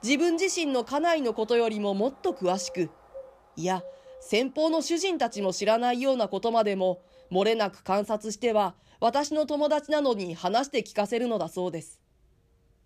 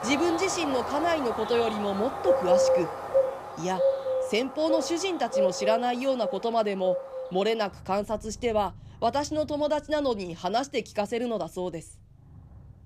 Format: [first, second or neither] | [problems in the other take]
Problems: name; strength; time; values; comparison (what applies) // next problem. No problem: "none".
first | animal sounds; loud; throughout; 1 dB below the speech; faint in the first